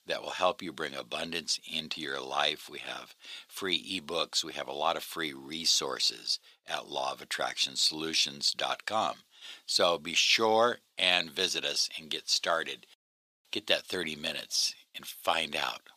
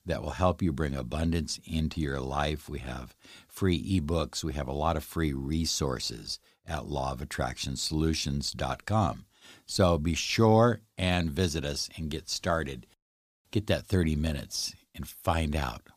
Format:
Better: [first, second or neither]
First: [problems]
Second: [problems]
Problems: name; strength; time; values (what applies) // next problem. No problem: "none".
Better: second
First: thin; very; fading below 450 Hz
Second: none